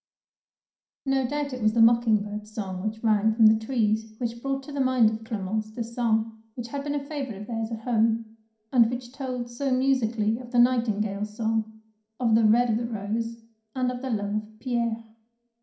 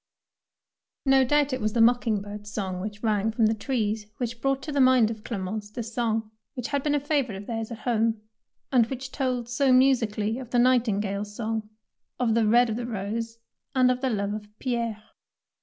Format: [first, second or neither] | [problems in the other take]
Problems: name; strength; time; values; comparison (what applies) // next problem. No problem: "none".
second | room echo; dies away in 0.5 s